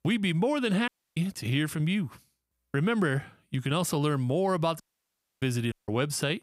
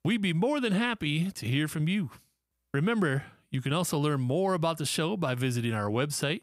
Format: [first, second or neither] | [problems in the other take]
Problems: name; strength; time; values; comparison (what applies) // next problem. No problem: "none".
second | audio cutting out; at 1 s, at 5 s for 0.5 s and at 5.5 s